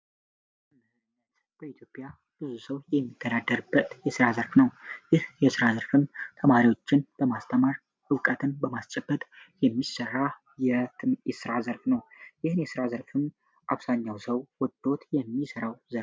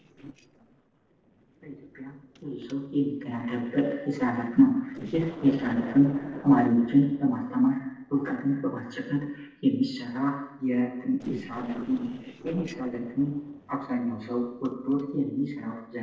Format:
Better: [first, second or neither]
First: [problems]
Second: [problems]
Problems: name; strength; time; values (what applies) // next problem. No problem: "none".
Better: first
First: none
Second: noise reduction (neural separator model SepFormer DNS4)